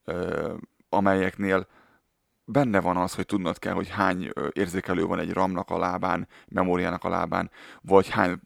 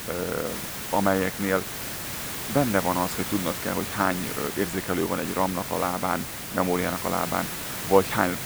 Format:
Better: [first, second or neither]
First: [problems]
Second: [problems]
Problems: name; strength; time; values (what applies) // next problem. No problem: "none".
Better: first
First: none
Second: hiss; loud; throughout; 5 dB below the speech